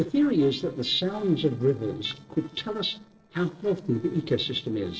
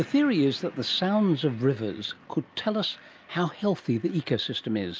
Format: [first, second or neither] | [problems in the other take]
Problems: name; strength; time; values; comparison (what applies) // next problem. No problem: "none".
second | noise reduction (neural separator model SepFormer DNS4)